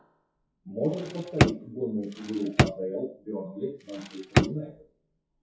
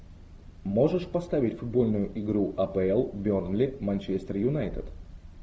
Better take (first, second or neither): second